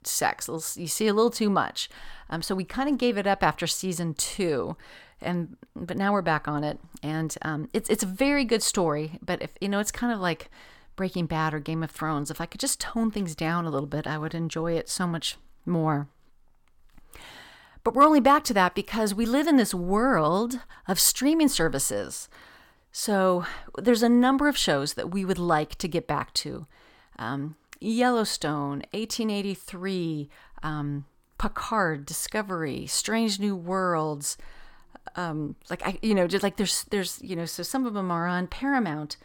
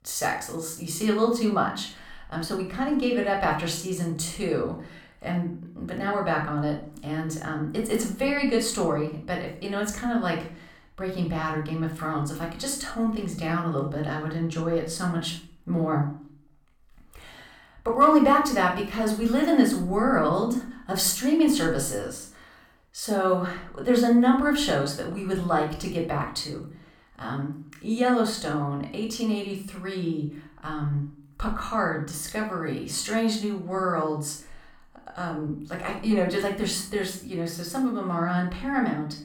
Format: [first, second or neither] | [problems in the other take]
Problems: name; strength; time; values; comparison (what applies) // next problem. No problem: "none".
first | off-mic speech; somewhat distant // room echo; slight; dies away in 0.4 s